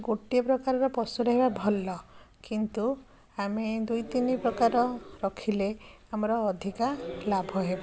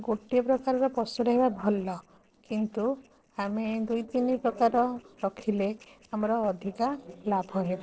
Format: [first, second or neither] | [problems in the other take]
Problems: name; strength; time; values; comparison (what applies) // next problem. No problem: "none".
first | noise reduction (neural separator model SepFormer DNS4)